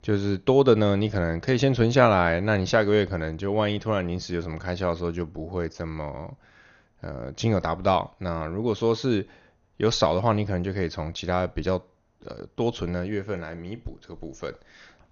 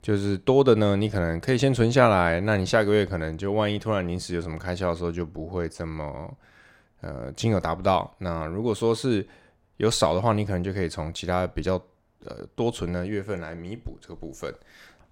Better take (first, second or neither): second